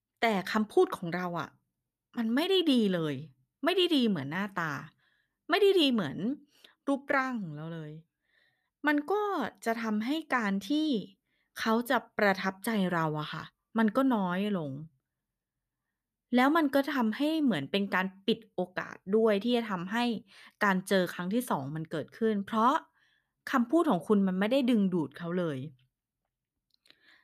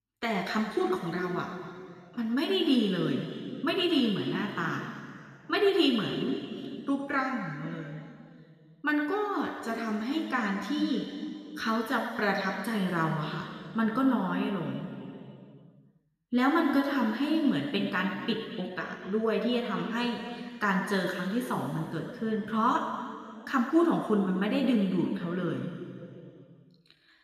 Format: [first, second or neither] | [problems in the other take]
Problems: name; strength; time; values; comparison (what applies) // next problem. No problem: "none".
first | room echo; noticeable; dies away in 2.4 s // off-mic speech; somewhat distant